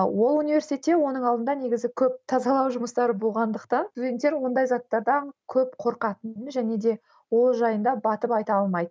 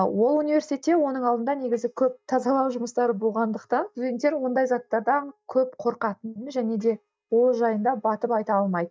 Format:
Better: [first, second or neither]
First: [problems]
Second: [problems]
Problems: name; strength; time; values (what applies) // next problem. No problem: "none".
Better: first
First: none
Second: noise reduction (neural mask model DeepFilterNet 3)